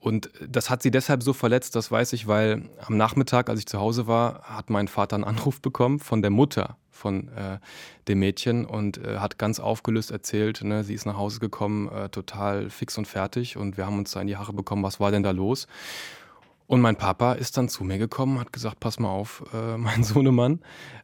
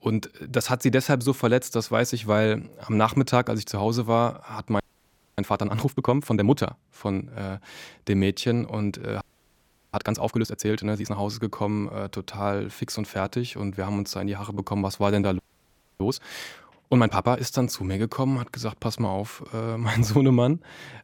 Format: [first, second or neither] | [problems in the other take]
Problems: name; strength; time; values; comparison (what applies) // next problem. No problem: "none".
first | audio freezing; at 5 s for 0.5 s, at 9 s for 0.5 s and at 15 s for 0.5 s